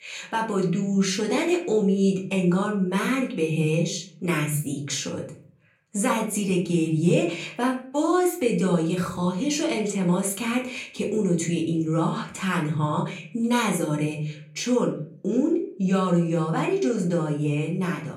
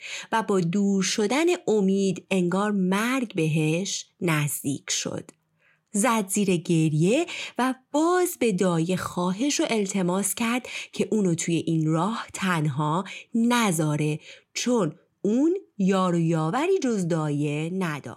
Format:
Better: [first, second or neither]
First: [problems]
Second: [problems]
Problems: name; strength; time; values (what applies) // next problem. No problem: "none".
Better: second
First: room echo; slight; dies away in 0.5 s // off-mic speech; far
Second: none